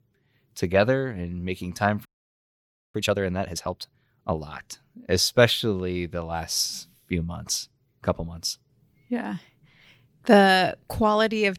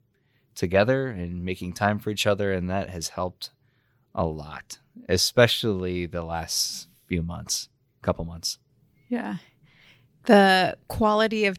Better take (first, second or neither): second